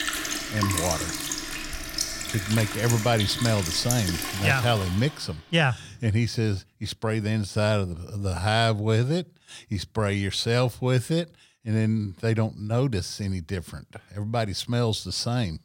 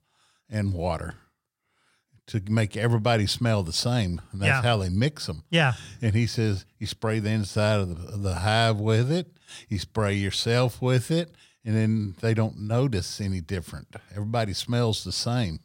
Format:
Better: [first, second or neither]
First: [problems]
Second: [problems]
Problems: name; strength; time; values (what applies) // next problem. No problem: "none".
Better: second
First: household noises; loud; until 5 s; 3 dB below the speech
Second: none